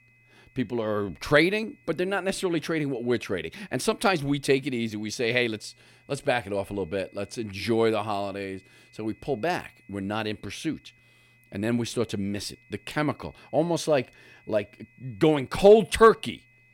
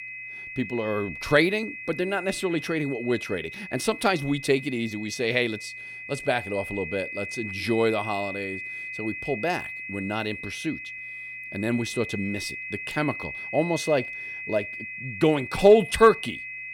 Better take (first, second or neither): first